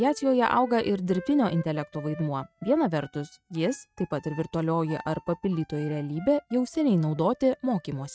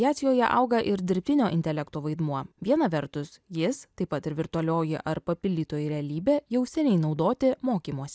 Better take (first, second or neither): second